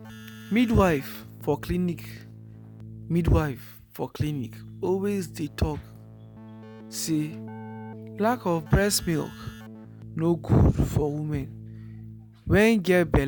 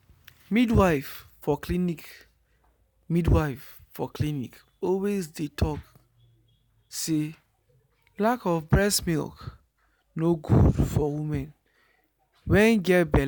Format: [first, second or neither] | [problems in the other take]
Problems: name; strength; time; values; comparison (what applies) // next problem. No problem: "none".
second | background sound (Keyboard (musical)); 16 dB below the speech